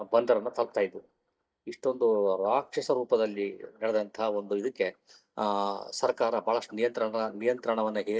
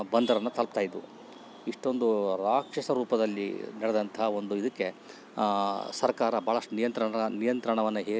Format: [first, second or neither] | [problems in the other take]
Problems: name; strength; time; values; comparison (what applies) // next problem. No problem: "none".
second | noise reduction (neural mask model DeepFilterNet 3)